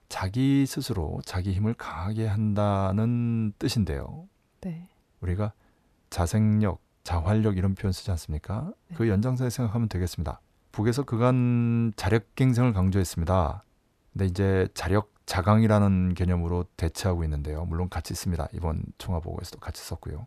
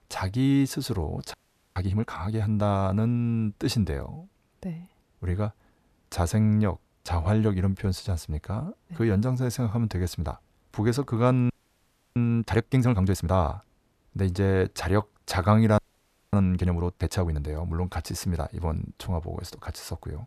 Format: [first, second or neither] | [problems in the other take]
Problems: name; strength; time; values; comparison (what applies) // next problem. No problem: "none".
first | audio freezing; at 1.5 s, at 12 s for 0.5 s and at 16 s for 0.5 s